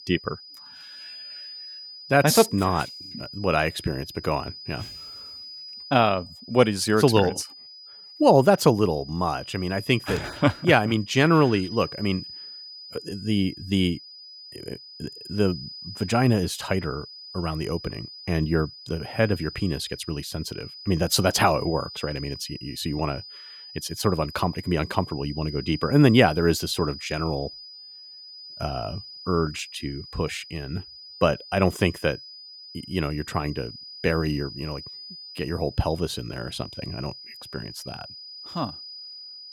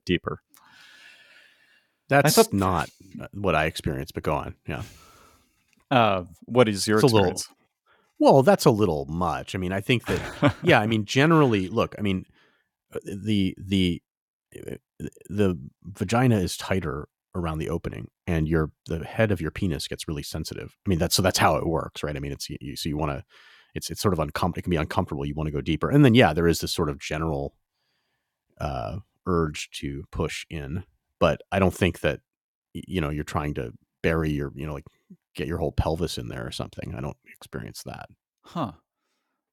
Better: second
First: high-pitched whine; noticeable; throughout; 5 kHz, 15 dB below the speech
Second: none

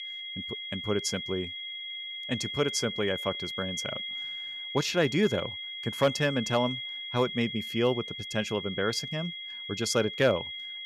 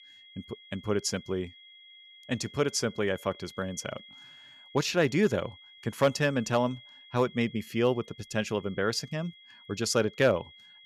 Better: second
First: high-pitched whine; loud; throughout; 3.5 kHz, 5 dB below the speech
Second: high-pitched whine; faint; throughout; 3.5 kHz, 20 dB below the speech

